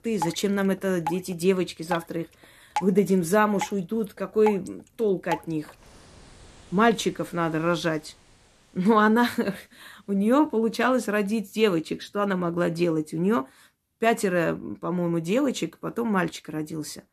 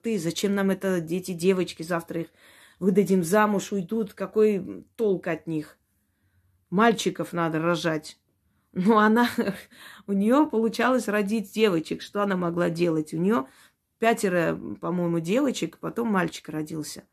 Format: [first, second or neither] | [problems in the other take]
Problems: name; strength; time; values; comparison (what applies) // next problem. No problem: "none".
second | rain or running water; noticeable; throughout; 10 dB below the speech